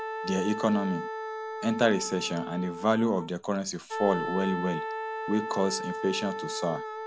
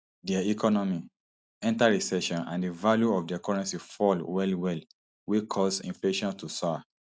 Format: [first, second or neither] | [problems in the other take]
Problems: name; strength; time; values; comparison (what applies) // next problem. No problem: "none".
second | background sound (Wind instrument, woodwind instrument); 6 dB below the speech